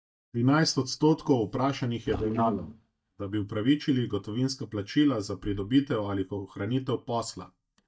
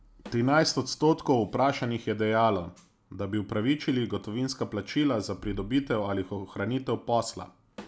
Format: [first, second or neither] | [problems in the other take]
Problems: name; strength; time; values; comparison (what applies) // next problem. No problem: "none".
second | noise reduction (neural mask model DeepFilterNet 3)